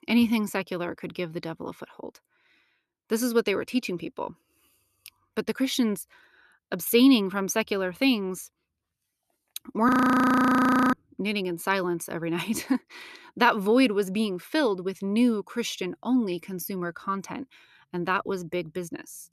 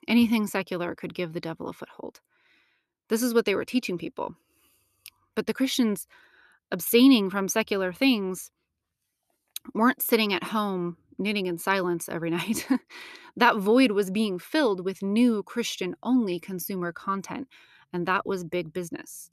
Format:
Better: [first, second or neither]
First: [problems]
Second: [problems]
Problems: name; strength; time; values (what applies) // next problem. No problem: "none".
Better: second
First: audio freezing; at 10 s for 1 s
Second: none